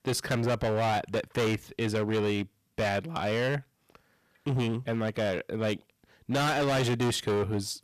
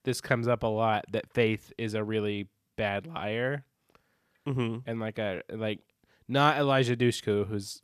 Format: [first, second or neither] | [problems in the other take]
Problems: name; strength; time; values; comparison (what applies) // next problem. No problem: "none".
second | distortion; heavy; 18% of the sound clipped